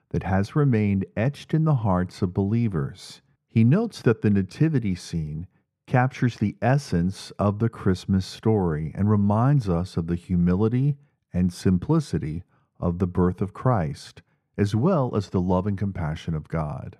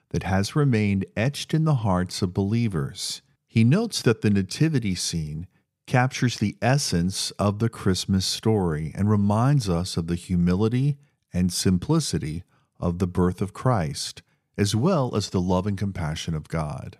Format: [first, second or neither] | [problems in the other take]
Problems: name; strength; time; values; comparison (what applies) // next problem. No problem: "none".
second | muffled; slightly; fading above 2.5 kHz